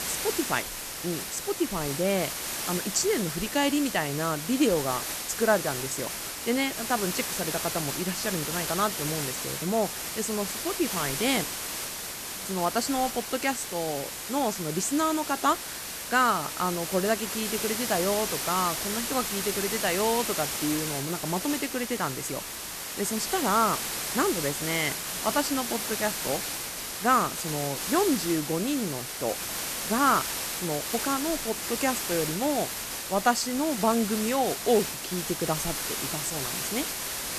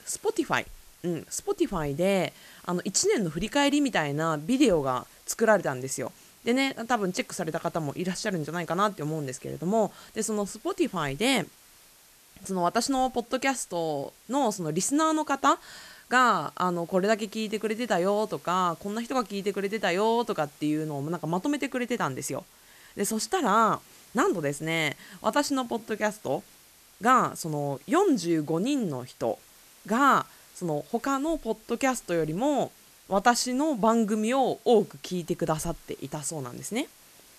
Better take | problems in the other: second | hiss; loud; throughout; 2 dB below the speech; faint in the second

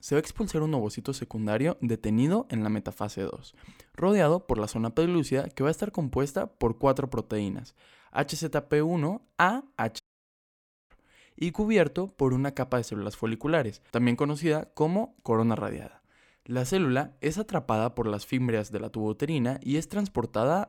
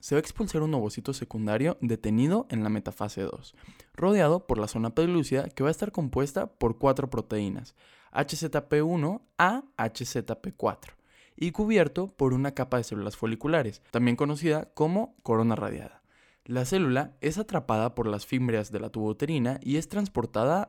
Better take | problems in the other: second | audio cutting out; at 10 s for 1 s

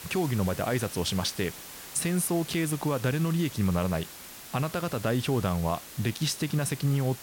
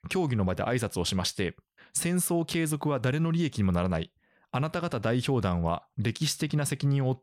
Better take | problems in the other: second | hiss; noticeable; throughout; 15 dB below the speech

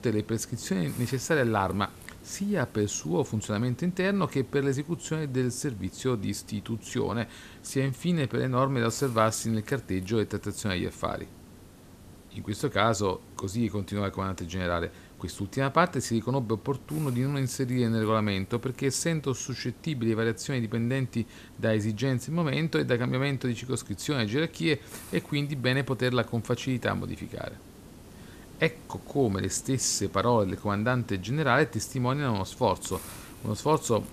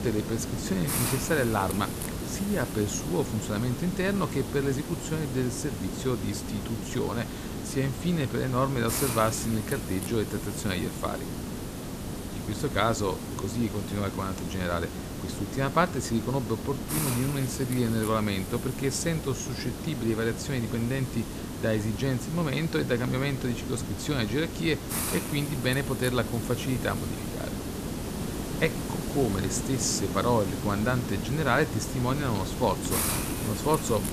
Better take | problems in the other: first | hiss; loud; throughout; 4 dB below the speech; faint in the first

